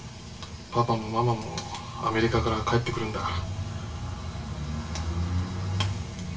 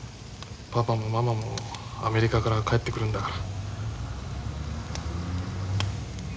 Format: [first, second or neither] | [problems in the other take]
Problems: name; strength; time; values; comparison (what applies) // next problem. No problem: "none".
second | room echo; dies away in 0.2 s